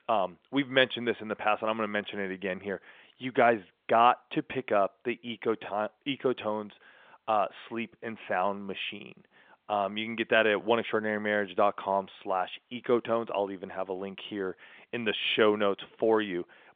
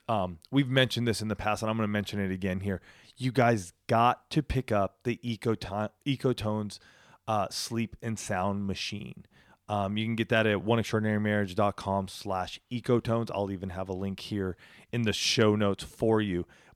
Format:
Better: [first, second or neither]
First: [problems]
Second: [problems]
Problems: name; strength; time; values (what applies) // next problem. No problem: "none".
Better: second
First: phone-call audio; nothing above 3.5 kHz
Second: none